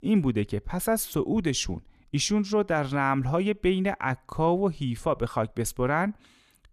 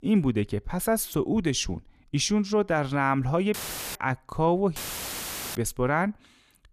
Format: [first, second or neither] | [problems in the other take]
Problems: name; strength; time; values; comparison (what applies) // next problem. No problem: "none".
first | audio cutting out; filled with static; at 3.5 s and at 5 s for 1 s